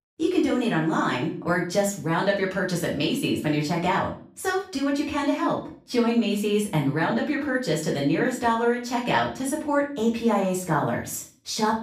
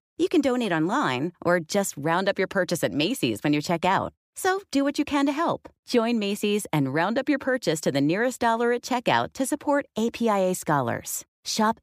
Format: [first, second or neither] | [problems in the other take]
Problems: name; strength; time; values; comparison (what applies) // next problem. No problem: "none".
second | room echo; slight; dies away in 0.4 s // off-mic speech; far